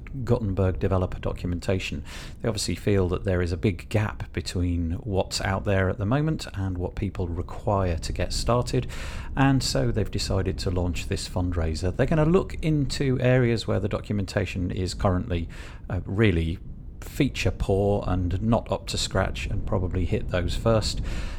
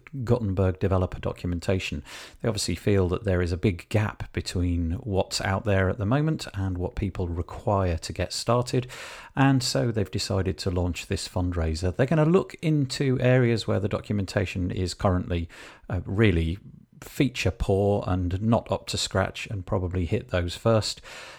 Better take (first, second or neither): second